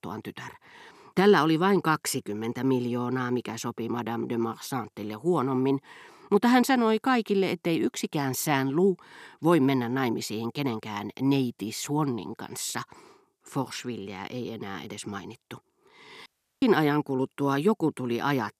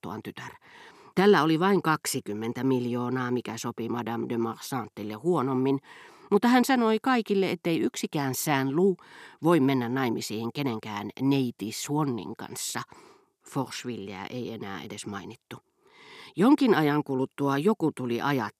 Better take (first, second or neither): second